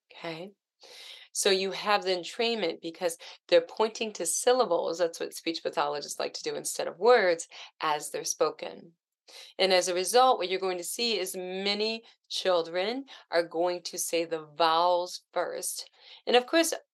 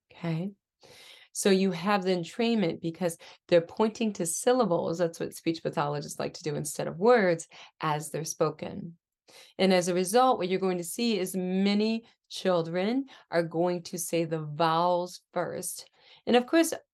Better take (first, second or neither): second